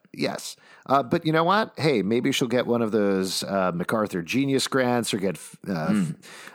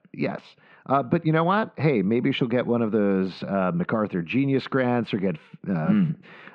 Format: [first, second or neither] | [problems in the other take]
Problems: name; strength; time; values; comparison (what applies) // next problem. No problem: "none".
first | muffled; very; fading above 3 kHz